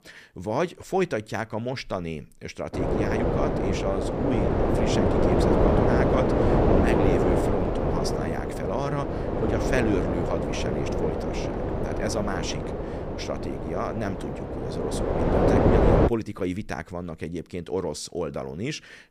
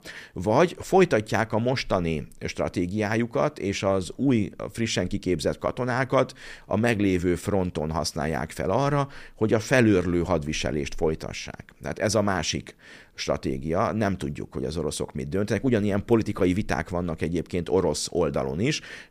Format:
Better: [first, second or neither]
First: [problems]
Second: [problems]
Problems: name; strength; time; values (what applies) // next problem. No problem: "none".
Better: second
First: wind noise on the microphone; heavy; from 2.5 to 16 s; 5 dB above the speech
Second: none